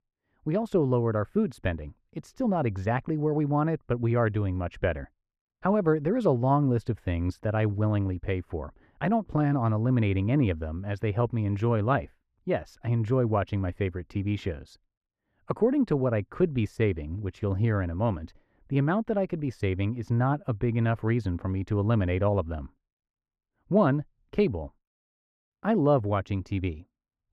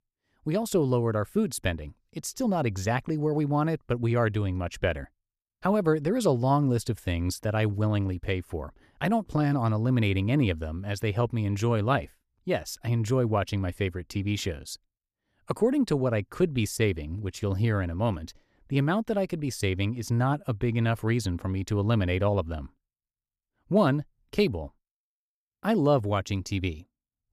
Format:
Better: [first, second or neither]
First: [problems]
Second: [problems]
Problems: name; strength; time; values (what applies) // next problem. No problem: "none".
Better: second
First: muffled; very; fading above 3.5 kHz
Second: none